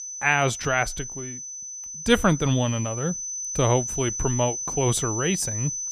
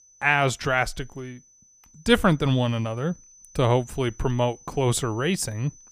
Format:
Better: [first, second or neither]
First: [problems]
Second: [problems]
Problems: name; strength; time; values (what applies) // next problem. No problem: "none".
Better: second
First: high-pitched whine; loud; throughout; 6 kHz, 5 dB below the speech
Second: high-pitched whine; faint; throughout; 6 kHz, 25 dB below the speech